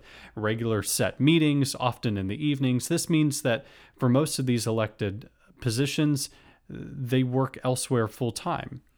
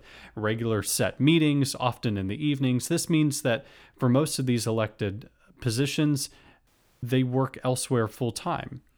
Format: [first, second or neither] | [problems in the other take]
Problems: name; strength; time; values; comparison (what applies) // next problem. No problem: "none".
first | audio cutting out; at 6.5 s